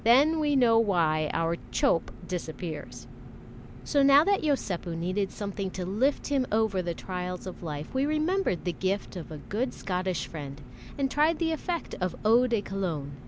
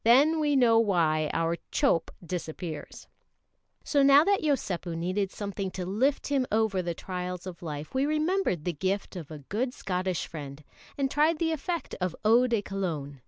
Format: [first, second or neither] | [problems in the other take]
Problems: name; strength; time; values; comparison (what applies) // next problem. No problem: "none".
second | background sound (Engine); 15 dB below the speech